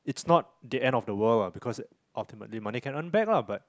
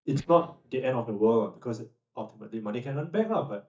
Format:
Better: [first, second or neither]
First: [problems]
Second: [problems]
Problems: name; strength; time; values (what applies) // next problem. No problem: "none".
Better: first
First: none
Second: noise reduction (neural mask model DeepFilterNet 3)